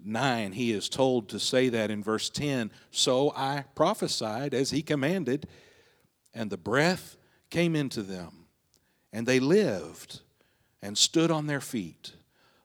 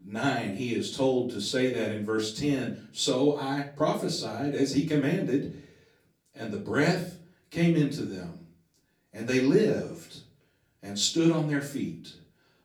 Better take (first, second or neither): first